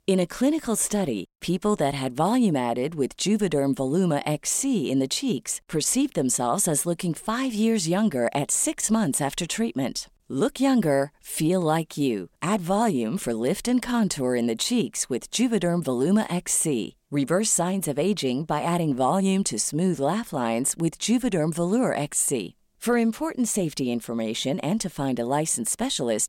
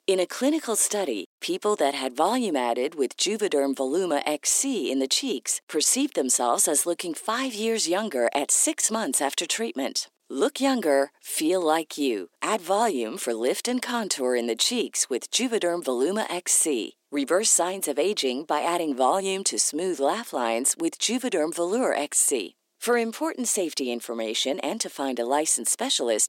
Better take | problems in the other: first | thin; somewhat; fading below 300 Hz

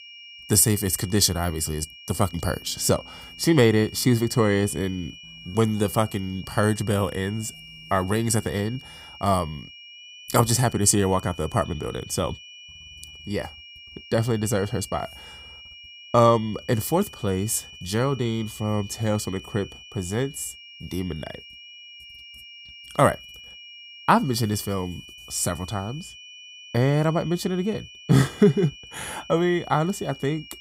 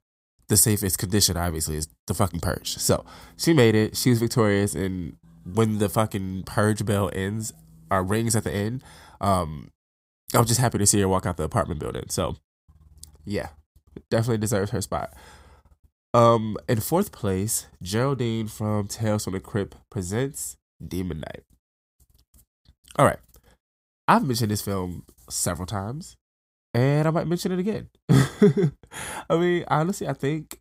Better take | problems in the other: second | high-pitched whine; noticeable; throughout; 3 kHz, 20 dB below the speech

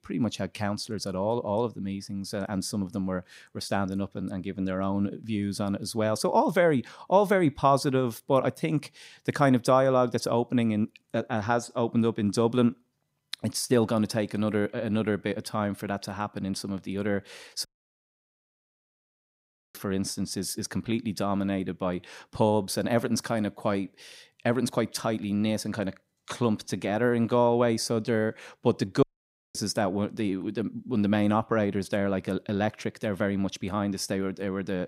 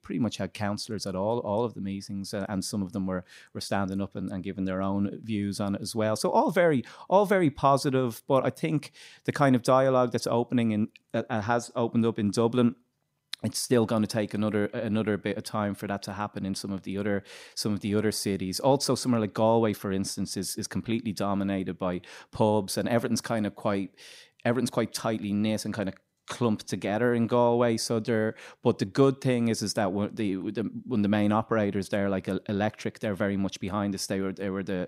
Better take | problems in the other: second | audio cutting out; at 18 s for 2 s and at 29 s for 0.5 s

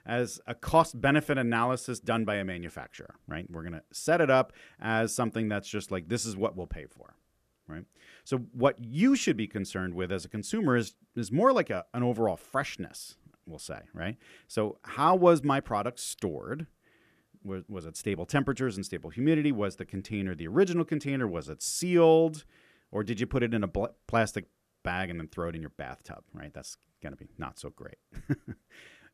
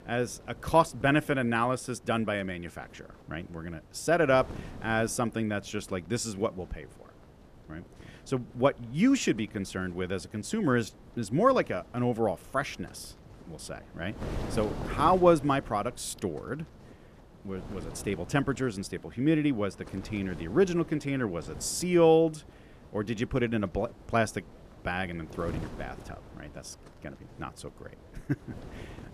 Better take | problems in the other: first | wind noise on the microphone; occasional gusts; 20 dB below the speech

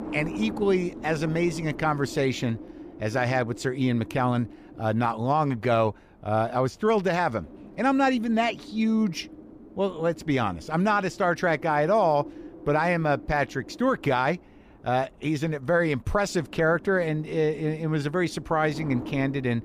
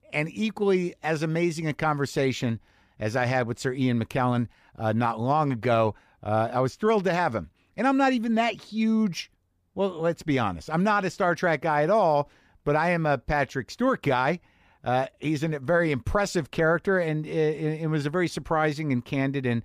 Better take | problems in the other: second | wind noise on the microphone; occasional gusts; 20 dB below the speech

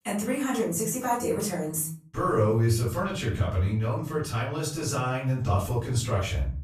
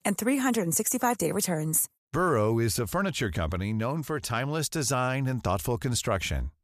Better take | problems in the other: second | off-mic speech; far // room echo; slight; dies away in 0.5 s

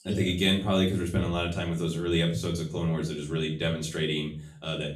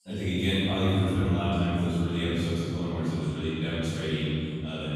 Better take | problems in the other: first | room echo; strong; dies away in 3 s; slight in the first // off-mic speech; far; far in the first

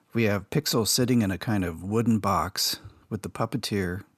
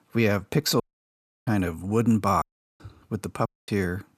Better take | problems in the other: first | audio cutting out; at 1 s for 0.5 s, at 2.5 s and at 3.5 s

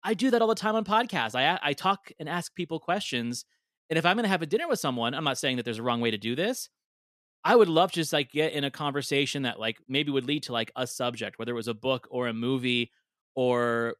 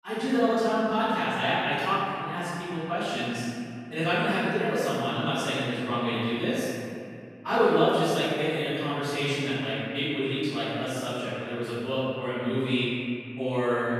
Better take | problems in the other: first | off-mic speech; far // room echo; strong; dies away in 2.4 s

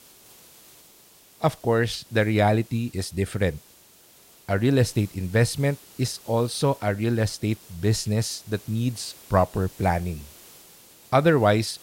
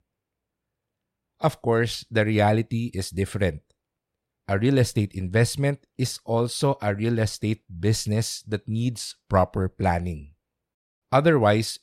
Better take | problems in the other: second | hiss; faint; throughout; 25 dB below the speech

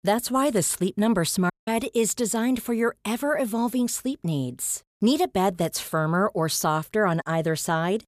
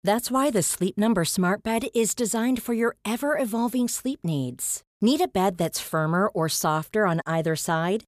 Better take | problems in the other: second | audio cutting out; at 1.5 s

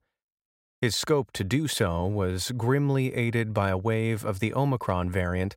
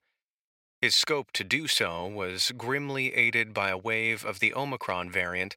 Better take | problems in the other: first | thin; somewhat; fading below 1 kHz

